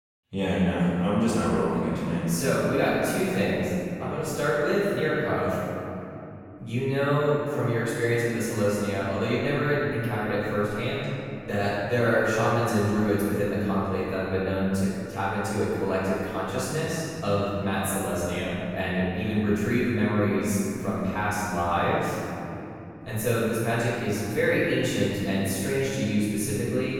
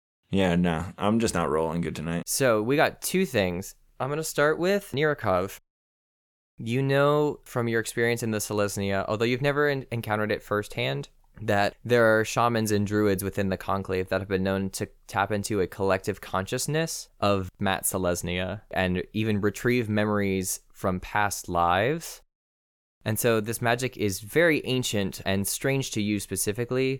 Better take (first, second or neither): second